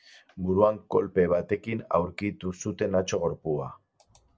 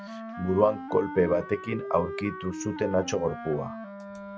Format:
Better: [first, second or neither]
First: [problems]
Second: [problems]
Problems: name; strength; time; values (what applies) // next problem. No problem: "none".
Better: first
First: none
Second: background sound (Wind instrument, woodwind instrument); 9 dB below the speech